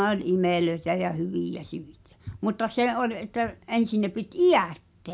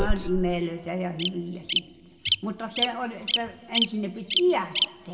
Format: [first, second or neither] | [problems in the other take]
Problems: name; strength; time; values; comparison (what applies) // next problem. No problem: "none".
first | background sound (Bird vocalization, bird call, bird song); as loud as the speech // room echo; dies away in 1.5 s